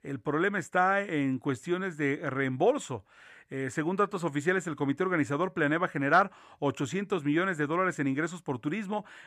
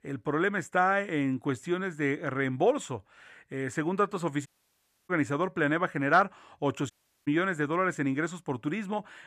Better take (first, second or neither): first